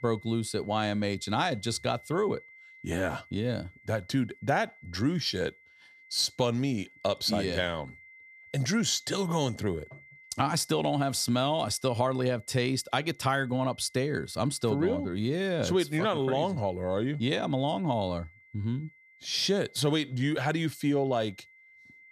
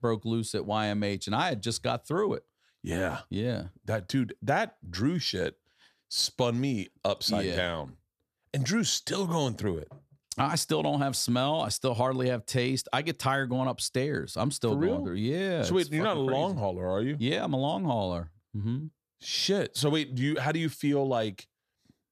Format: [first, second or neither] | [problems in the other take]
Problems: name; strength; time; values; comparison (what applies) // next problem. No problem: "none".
second | high-pitched whine; faint; throughout; 2 kHz, 25 dB below the speech